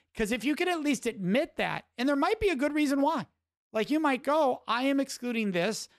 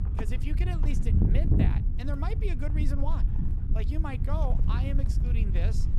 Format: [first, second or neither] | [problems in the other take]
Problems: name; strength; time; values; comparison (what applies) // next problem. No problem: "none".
first | wind noise on the microphone; heavy; 2 dB below the speech